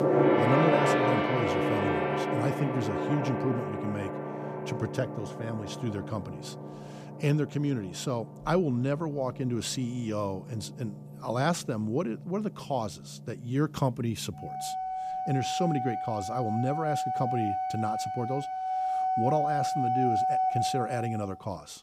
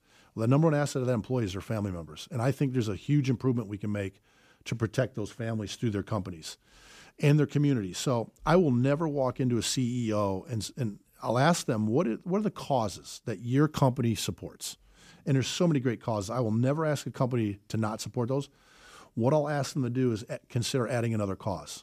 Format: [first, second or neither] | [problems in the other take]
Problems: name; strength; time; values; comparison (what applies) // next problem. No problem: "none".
second | background music; very loud; throughout; 2 dB above the speech